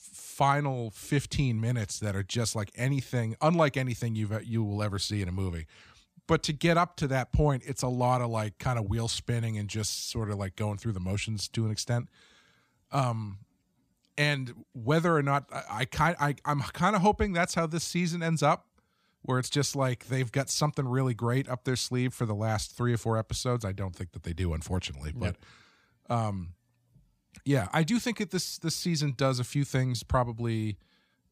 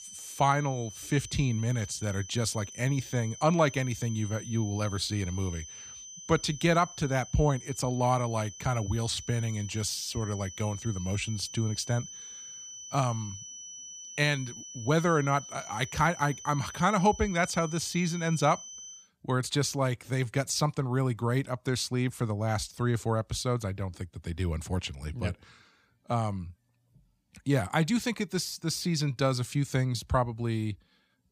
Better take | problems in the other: first | high-pitched whine; noticeable; until 19 s; 6 kHz, 15 dB below the speech

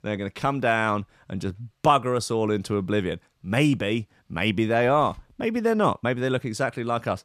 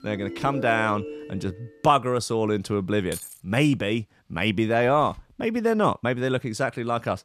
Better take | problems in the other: first | phone ringing; noticeable; until 1.5 s; peak 9 dB below the speech // jangling keys; faint; at 3 s; peak 10 dB below the speech

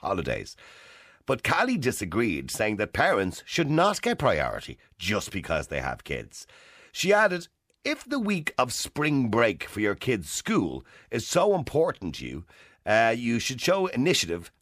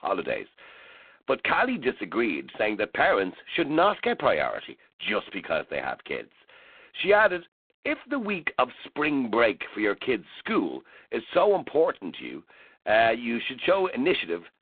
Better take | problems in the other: first | phone-call audio; poor line; nothing above 3.5 kHz

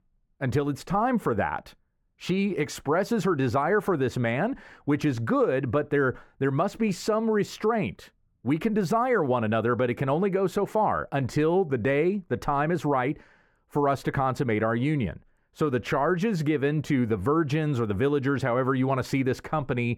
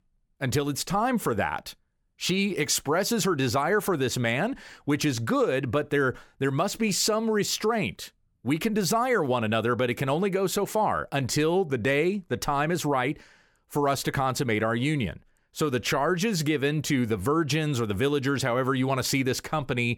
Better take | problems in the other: second | muffled; slightly; fading above 2.5 kHz

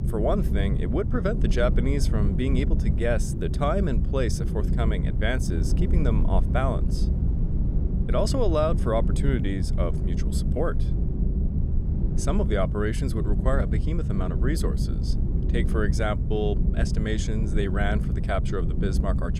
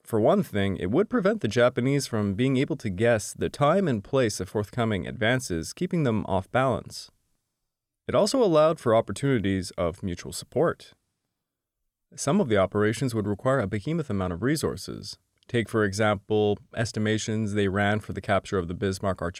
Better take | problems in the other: second | low rumble; loud; throughout; 8 dB below the speech

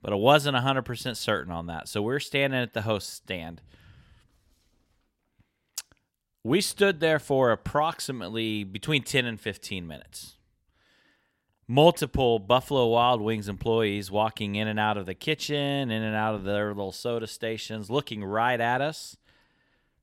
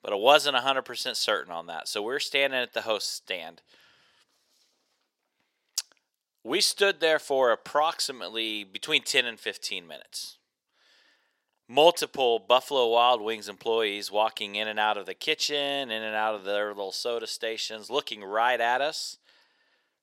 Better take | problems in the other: first | thin; somewhat; fading below 500 Hz

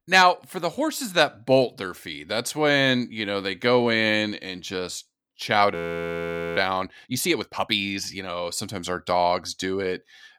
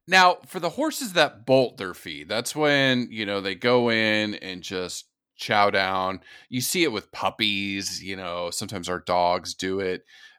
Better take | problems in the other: second | audio freezing; at 5.5 s for 1 s

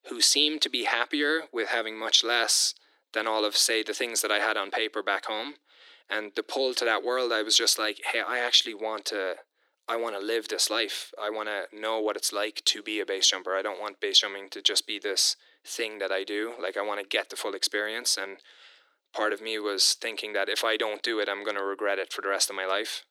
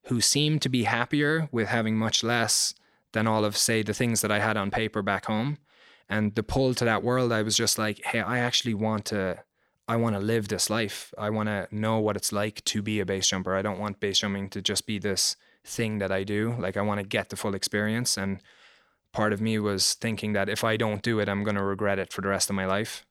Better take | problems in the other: second | thin; very; fading below 300 Hz

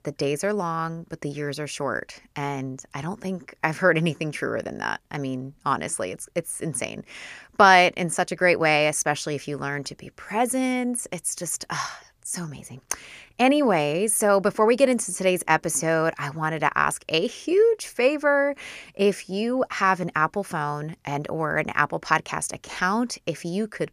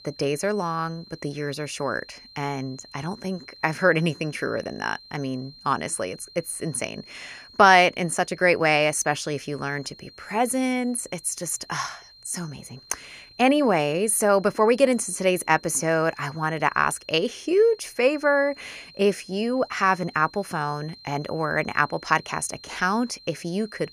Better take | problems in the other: first | high-pitched whine; faint; throughout; 4 kHz, 20 dB below the speech

